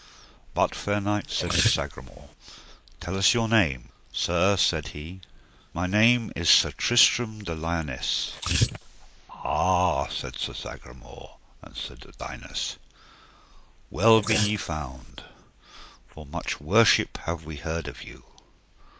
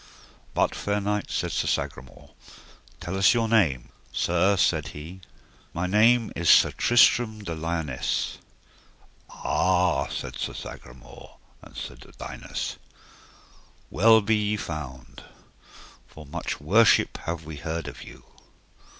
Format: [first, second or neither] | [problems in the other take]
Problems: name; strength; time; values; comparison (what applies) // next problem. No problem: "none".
second | noise reduction (neural mask model Resemble Enhance denoiser)